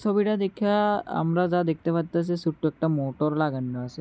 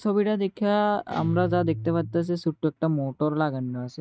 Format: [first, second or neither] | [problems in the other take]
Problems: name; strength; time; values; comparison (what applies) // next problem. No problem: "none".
first | noise reduction (neural mask model RNNoise)